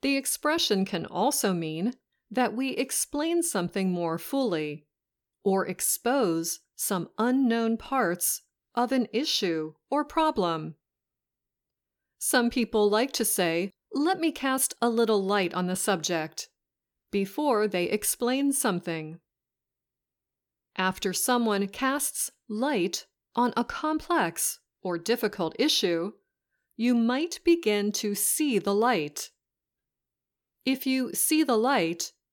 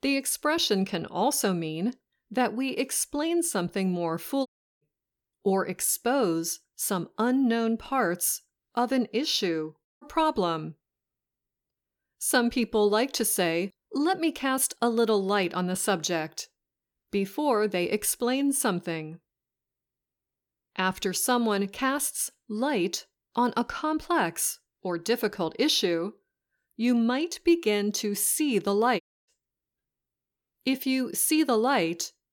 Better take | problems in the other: first | audio cutting out; at 4.5 s, at 10 s and at 29 s

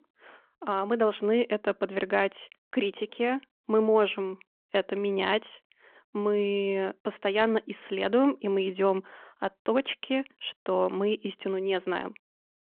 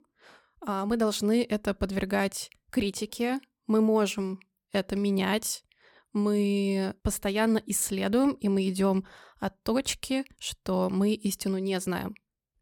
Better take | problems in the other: second | phone-call audio

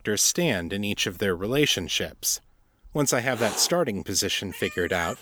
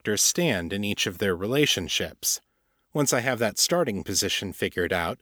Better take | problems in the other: second | animal sounds; noticeable; throughout; 10 dB below the speech

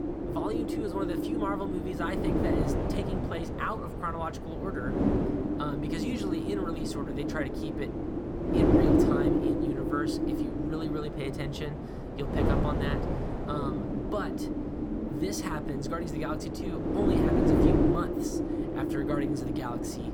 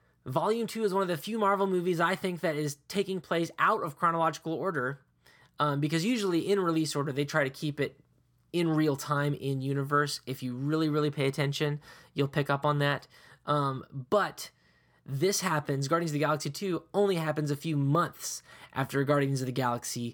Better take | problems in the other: second | wind noise on the microphone; heavy; 4 dB above the speech

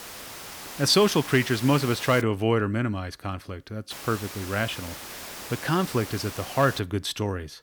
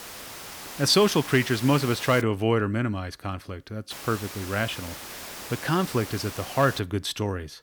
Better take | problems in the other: neither | hiss; noticeable; until 2 s and from 4 to 7 s; 10 dB below the speech; the same in both

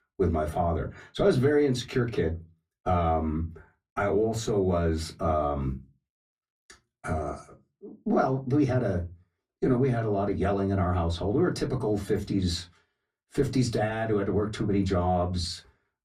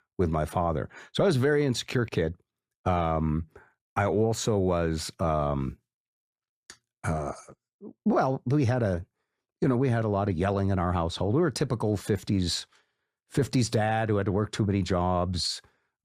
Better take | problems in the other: second | off-mic speech; far // room echo; very slight; dies away in 0.2 s

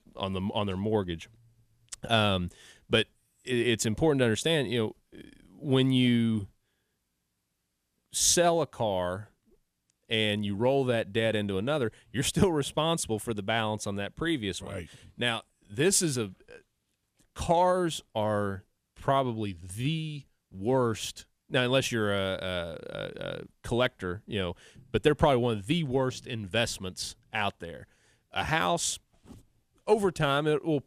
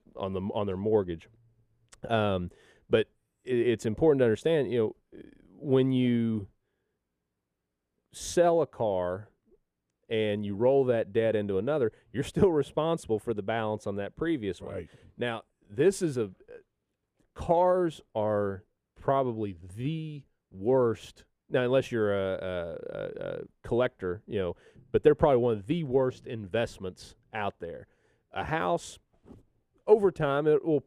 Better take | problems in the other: first | muffled; slightly; fading above 2.5 kHz

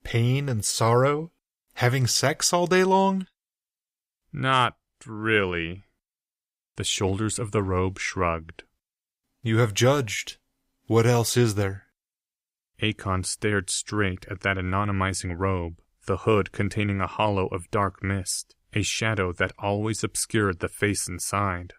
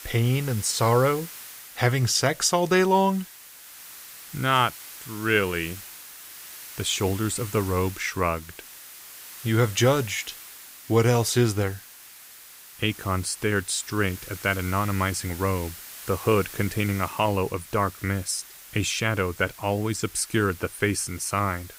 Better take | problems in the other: first | hiss; noticeable; throughout; 15 dB below the speech

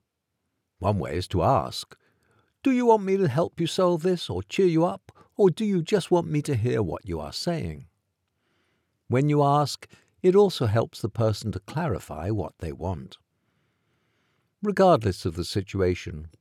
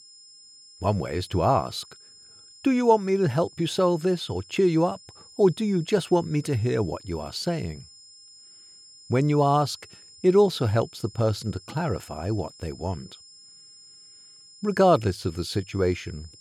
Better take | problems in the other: first | high-pitched whine; faint; throughout; 5 kHz, 20 dB below the speech

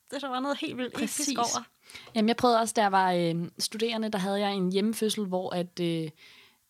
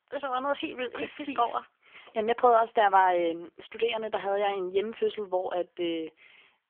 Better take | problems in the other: first | phone-call audio; poor line; nothing above 3.5 kHz

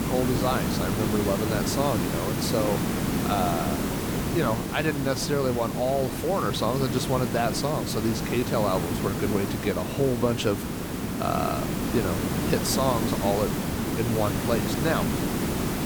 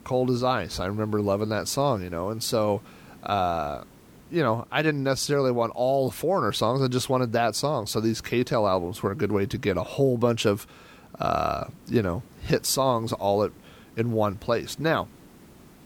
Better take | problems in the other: second | hiss; loud; throughout; as loud as the speech; faint in the second

